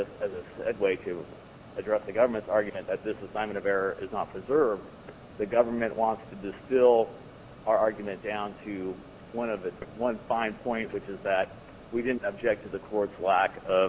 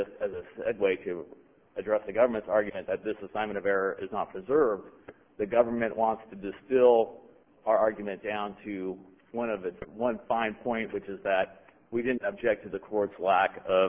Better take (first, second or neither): second